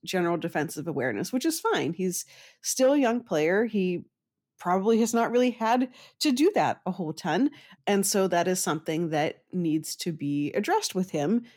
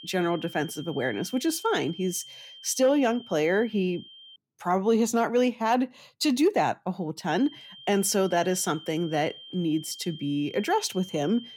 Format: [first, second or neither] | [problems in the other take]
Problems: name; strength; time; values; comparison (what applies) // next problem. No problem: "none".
first | high-pitched whine; noticeable; until 4.5 s and from 7.5 s on; 3 kHz, 15 dB below the speech